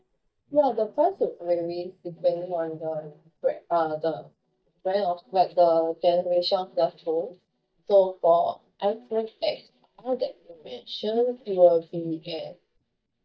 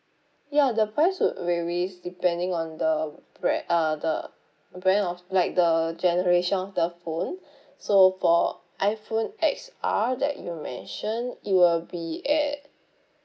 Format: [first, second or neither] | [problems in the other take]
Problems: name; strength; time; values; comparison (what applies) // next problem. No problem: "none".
second | noise reduction (neural mask model DeepFilterNet 3)